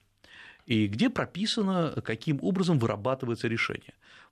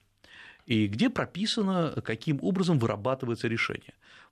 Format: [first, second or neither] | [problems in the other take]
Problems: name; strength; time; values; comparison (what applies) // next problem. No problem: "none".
neither | none